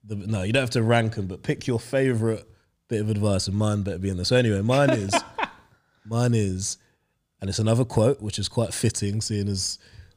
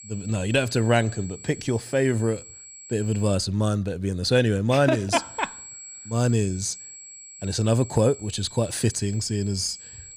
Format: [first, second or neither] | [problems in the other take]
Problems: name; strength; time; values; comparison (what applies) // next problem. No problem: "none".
first | high-pitched whine; noticeable; until 3.5 s and from 5 s on; 7.5 kHz, 15 dB below the speech